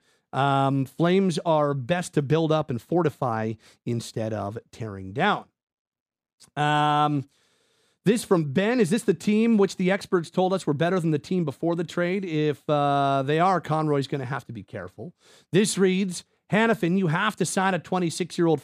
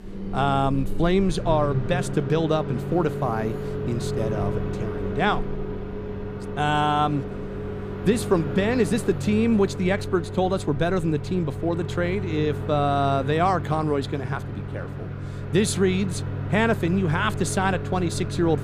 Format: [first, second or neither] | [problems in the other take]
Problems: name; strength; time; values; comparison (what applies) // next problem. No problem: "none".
first | household noises; loud; throughout; 7 dB below the speech